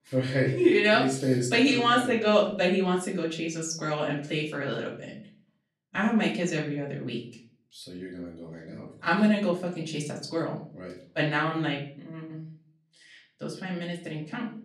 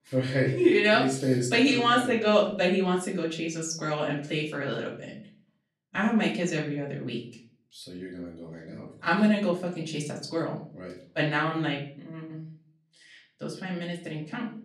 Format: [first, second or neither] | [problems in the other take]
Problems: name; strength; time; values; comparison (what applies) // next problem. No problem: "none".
neither | off-mic speech; far; the same in both // room echo; slight; dies away in 0.4 s; the same in both